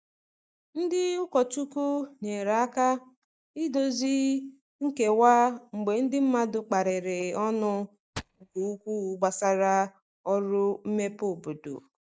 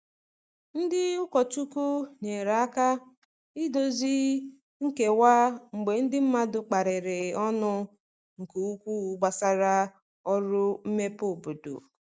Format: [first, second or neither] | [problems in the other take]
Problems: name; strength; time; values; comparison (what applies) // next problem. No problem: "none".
second | noise reduction (neural mask model DeepFilterNet 3)